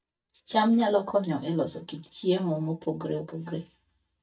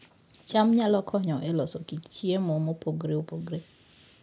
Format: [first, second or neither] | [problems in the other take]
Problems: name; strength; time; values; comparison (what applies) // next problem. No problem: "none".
second | noise reduction (neural mask model DeepFilterNet 3)